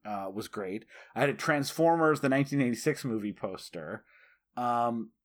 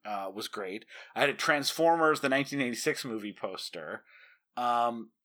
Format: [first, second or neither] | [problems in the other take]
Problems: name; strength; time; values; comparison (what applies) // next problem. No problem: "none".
first | thin; very slightly; fading below 550 Hz